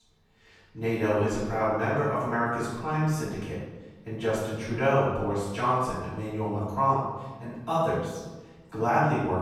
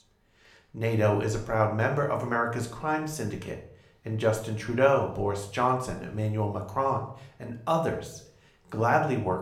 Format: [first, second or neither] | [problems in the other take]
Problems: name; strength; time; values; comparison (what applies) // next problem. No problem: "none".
second | room echo; strong; dies away in 1.1 s; slight in the second // off-mic speech; far; somewhat distant in the second